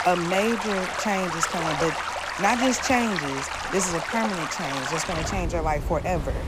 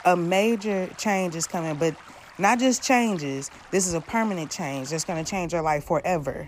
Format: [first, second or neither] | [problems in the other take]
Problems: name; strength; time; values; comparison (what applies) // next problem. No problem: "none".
second | rain or running water; loud; throughout; 2 dB below the speech; faint in the second